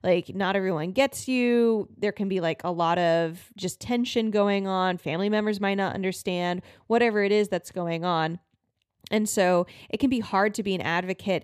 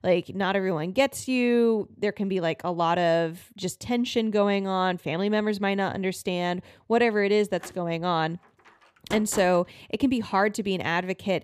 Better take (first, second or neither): first